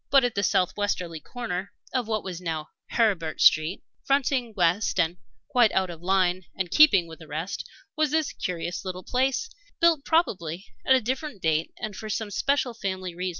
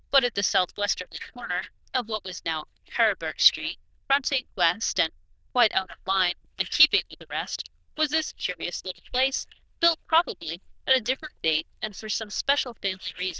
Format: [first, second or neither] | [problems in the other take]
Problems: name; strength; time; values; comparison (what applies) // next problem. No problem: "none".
first | noise reduction (neural diffusion model UNIVERSE++)